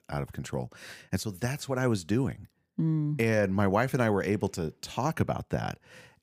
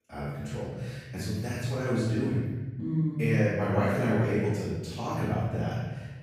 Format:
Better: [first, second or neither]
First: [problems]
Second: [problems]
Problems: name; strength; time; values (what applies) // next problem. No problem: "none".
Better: first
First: none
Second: room echo; strong; dies away in 1.3 s // off-mic speech; far